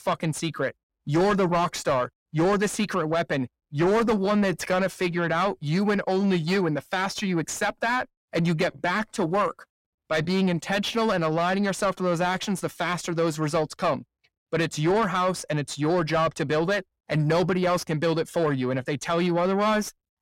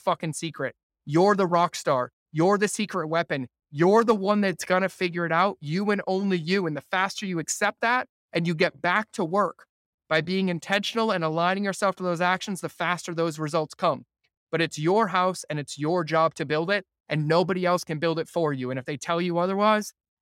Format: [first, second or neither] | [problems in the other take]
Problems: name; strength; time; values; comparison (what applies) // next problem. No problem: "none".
second | distortion; heavy; 8 dB below the speech